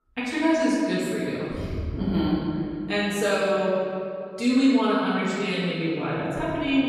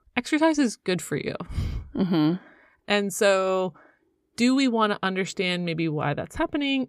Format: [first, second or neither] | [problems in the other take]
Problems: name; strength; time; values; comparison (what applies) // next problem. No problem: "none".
second | off-mic speech; far // room echo; strong; dies away in 2.2 s